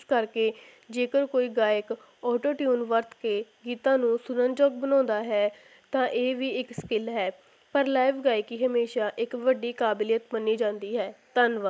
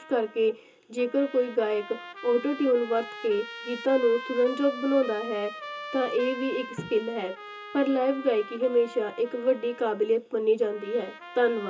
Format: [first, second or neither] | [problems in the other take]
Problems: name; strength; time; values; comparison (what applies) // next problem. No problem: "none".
first | background sound (Trumpet); 14 dB below the speech // room echo; dies away in 0.2 s